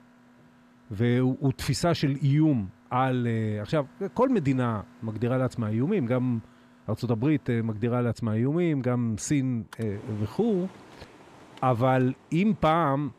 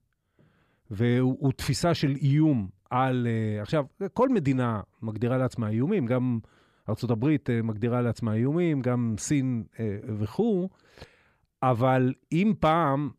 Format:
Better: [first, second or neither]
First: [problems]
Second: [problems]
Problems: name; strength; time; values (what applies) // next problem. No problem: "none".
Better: second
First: machinery noise; faint; throughout; 25 dB below the speech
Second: none